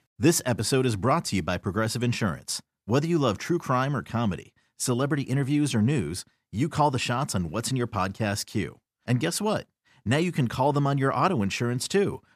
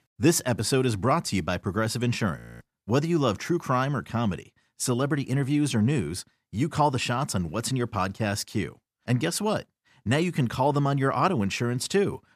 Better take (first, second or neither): first